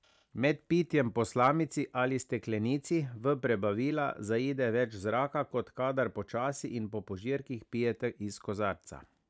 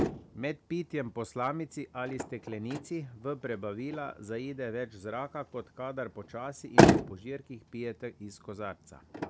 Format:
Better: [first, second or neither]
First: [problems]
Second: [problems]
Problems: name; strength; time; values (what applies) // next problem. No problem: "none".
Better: first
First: none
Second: background sound (Motor vehicle (road)); 5 dB above the speech